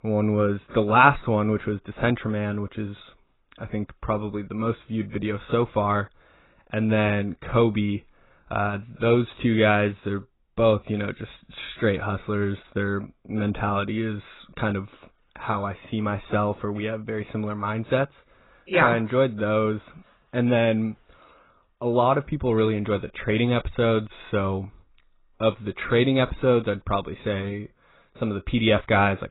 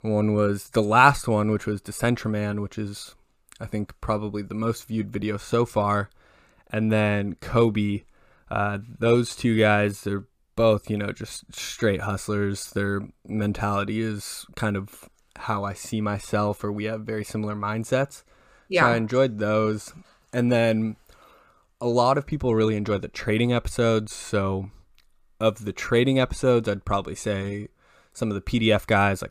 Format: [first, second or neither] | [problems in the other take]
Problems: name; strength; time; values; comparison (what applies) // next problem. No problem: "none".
second | garbled, watery; badly; nothing above 4 kHz